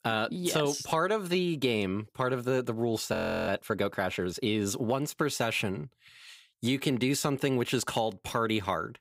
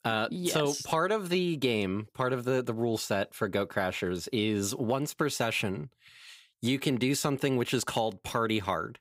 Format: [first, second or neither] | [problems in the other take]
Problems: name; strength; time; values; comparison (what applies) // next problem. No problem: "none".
second | audio freezing; at 3 s